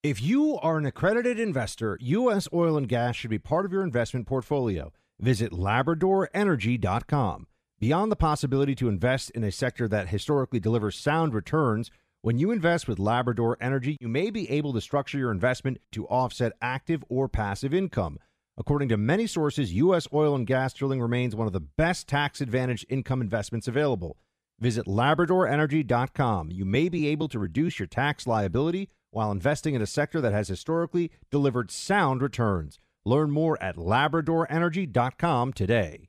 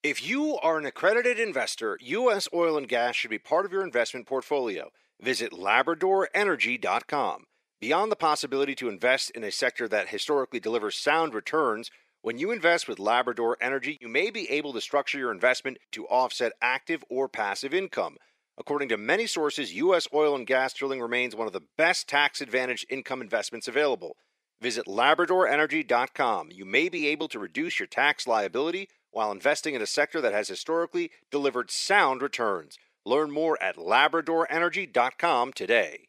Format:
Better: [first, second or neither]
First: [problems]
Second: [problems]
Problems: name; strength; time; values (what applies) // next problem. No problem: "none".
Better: first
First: none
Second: thin; somewhat; fading below 350 Hz